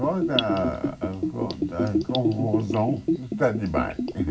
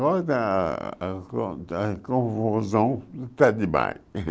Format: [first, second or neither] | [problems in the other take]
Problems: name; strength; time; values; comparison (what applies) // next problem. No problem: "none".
second | background sound (Bathtub (filling or washing) / Gurgling); 1 dB below the speech // room echo; dies away in 0.4 s